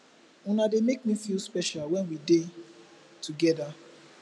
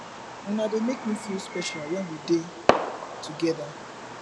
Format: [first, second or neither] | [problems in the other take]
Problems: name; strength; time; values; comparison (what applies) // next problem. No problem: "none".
first | background sound (Fireworks); 1 dB below the speech